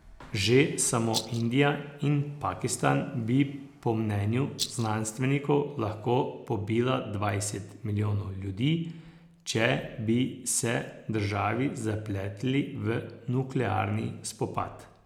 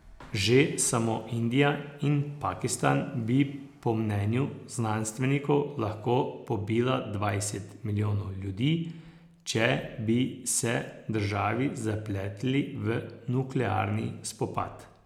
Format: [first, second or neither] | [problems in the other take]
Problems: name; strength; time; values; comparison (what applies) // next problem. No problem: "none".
second | background sound (Rattle); 7 dB below the speech